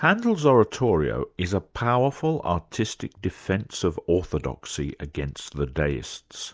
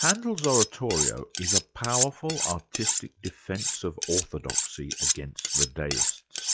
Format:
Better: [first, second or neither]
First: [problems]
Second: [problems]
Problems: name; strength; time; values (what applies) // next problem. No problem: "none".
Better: first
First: none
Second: noise reduction (classical method log-MMSE)